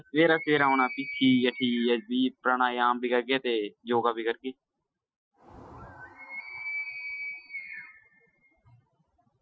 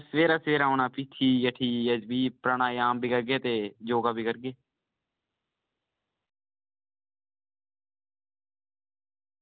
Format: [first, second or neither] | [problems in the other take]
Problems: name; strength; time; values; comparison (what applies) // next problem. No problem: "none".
second | noise reduction (classical method Wiener filter)